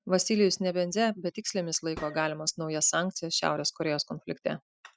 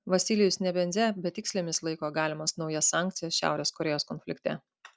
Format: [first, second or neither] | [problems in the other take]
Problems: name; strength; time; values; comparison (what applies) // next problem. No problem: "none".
second | noise reduction (classical method spectral subtraction)